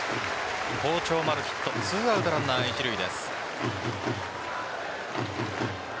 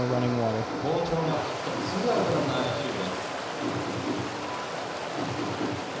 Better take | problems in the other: first | background sound (Stream); 4 dB below the speech // room echo; dies away in 1 s

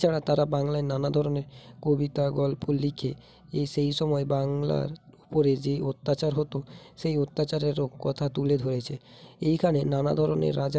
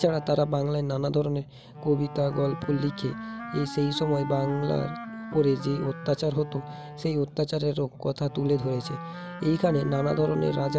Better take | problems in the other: first | background sound (Wind instrument, woodwind instrument); 12 dB below the speech

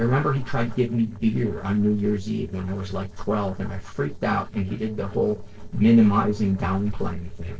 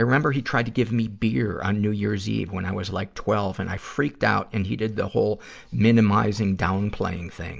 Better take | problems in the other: second | noise reduction (neural separator model SepFormer DNS4)

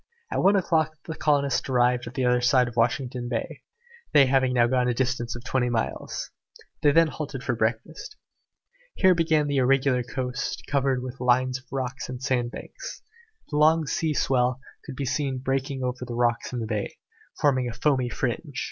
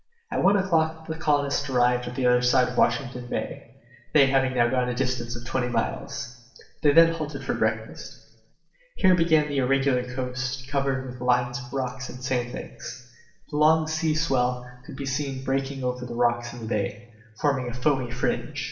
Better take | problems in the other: first | room echo; dies away in 0.8 s

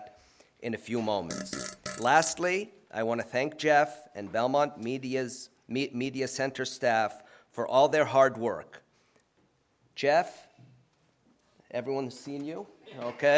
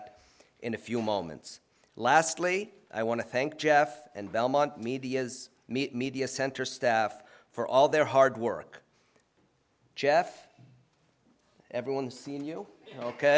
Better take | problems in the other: second | background sound (Fart); 11 dB below the speech

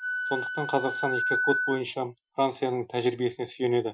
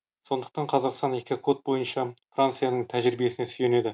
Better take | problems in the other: second | noise reduction (classical method Wiener filter)

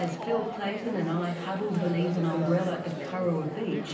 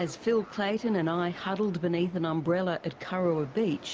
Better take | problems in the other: second | background sound (Chatter); 7 dB below the speech // room echo; dies away in 0.6 s

